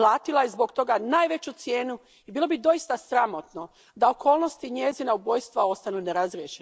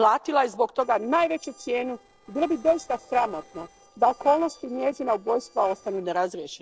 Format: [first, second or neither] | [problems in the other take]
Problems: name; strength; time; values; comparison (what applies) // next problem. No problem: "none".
first | noise reduction (neural separator model SepFormer DNS4)